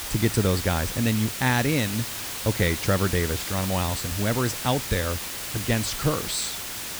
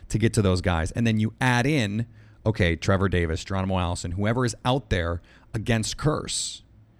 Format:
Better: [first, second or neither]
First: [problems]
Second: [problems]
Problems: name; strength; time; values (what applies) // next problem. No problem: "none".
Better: second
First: hiss; loud; throughout; 4 dB below the speech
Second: none